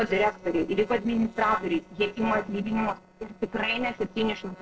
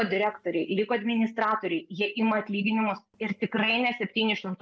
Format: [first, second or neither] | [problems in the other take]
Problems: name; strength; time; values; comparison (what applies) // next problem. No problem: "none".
second | noise reduction (neural separator model SepFormer DNS4)